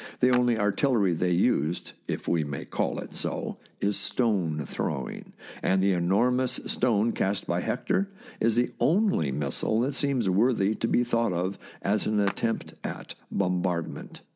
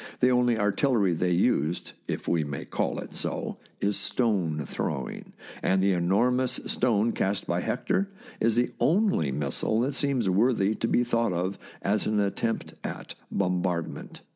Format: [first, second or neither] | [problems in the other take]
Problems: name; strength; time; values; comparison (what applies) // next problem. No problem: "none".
second | background sound (Clapping); 17 dB below the speech